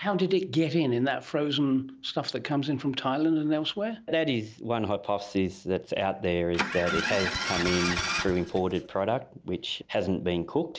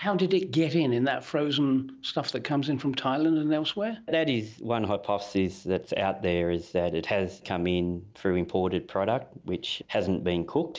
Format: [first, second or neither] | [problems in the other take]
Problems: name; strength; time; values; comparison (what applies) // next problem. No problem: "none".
second | background sound (Engine starting); 3 dB below the speech